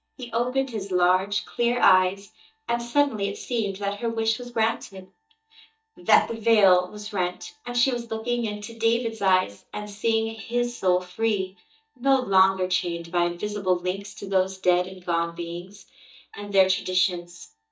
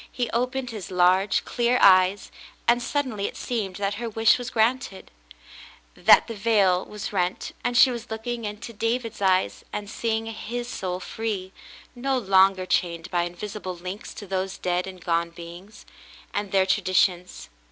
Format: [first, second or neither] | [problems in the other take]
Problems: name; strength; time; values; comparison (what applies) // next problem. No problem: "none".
second | noise reduction (neural mask model DeepFilterNet 3)